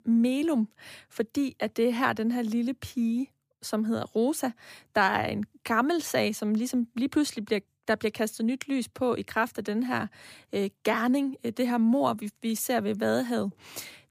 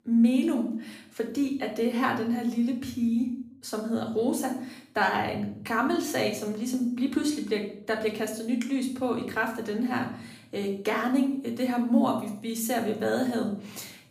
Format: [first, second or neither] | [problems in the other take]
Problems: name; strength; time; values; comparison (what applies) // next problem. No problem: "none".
first | room echo; slight; dies away in 0.6 s // off-mic speech; somewhat distant